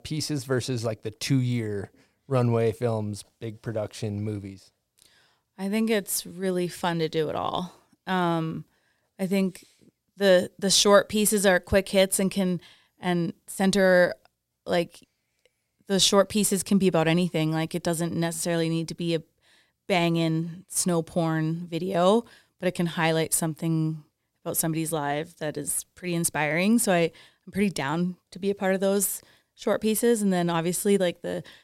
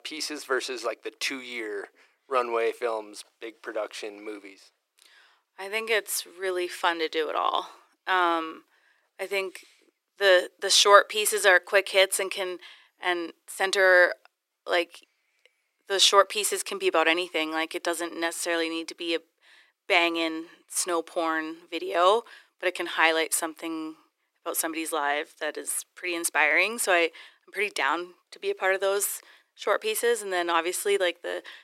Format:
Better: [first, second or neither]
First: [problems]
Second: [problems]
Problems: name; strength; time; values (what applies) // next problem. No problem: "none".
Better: first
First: none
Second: thin; very; fading below 350 Hz